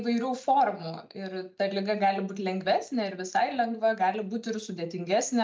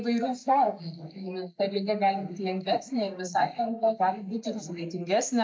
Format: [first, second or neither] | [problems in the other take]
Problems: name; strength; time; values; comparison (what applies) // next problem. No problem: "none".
first | noise reduction (neural mask model Resemble Enhance denoiser)